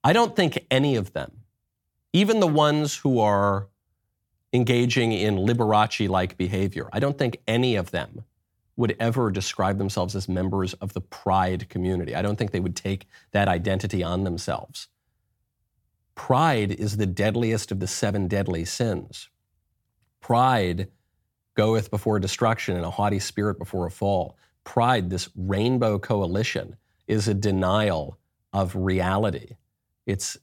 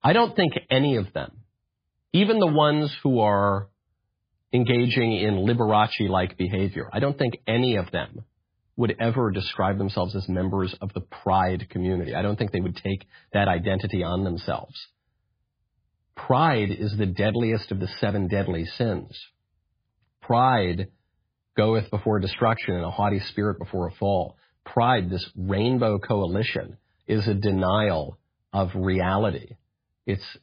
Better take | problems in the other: first | garbled, watery; badly

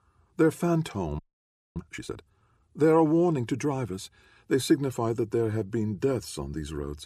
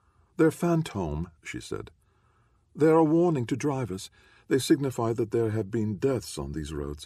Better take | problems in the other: second | audio freezing; at 1 s for 0.5 s

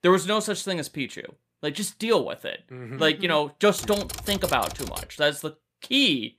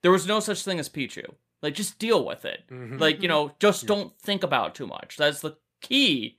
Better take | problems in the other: second | keyboard typing; noticeable; from 4 to 5 s; peak 7 dB below the speech

